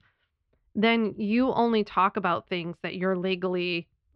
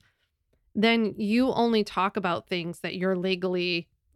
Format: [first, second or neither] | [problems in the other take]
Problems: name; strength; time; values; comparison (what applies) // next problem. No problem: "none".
second | muffled; slightly; fading above 3.5 kHz